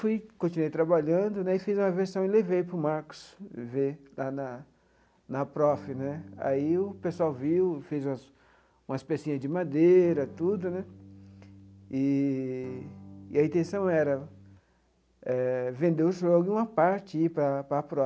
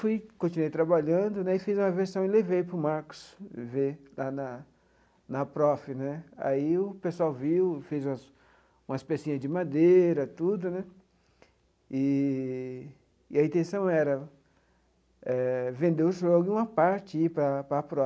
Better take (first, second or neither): second